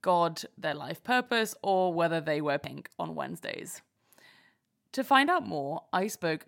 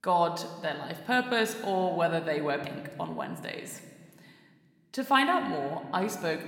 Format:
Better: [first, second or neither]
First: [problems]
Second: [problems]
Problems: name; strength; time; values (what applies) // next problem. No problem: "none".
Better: first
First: none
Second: room echo; slight; dies away in 1.3 s